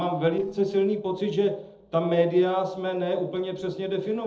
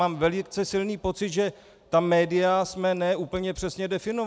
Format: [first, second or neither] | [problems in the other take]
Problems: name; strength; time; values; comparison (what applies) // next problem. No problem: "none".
second | noise reduction (neural separator model SepFormer DNS4)